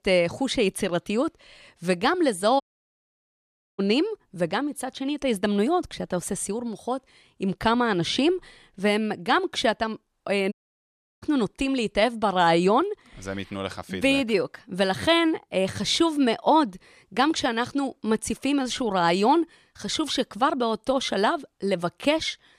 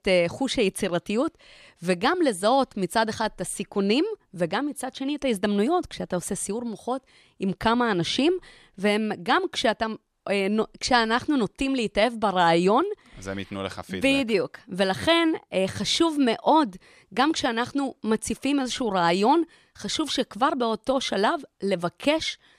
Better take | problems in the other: second | audio cutting out; at 2.5 s for 1 s and at 11 s for 0.5 s

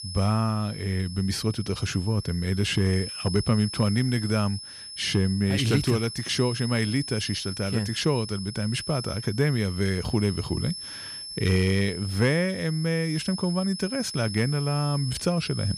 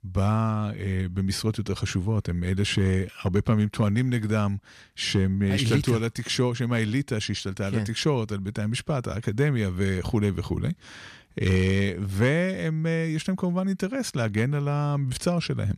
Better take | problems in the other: second | high-pitched whine; loud; throughout; 5.5 kHz, 9 dB below the speech

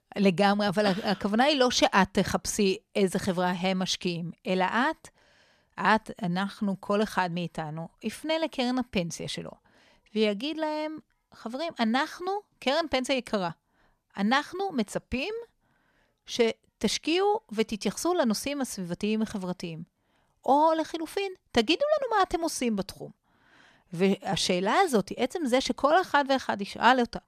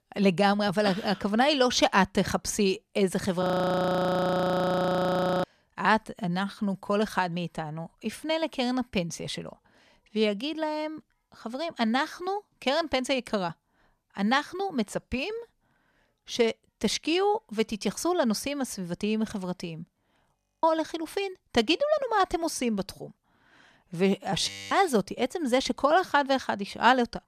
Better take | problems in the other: first | audio freezing; at 3.5 s for 2 s, at 20 s and at 24 s

